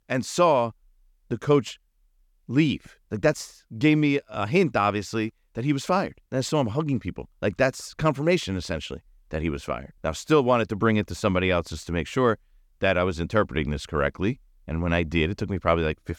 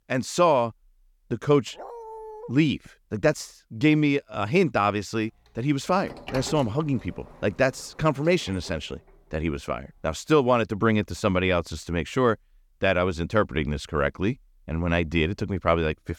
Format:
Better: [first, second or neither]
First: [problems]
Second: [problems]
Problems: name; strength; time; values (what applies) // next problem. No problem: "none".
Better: first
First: none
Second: dog barking; faint; at 1.5 s; peak 15 dB below the speech // door banging; faint; from 6 to 8.5 s; peak 10 dB below the speech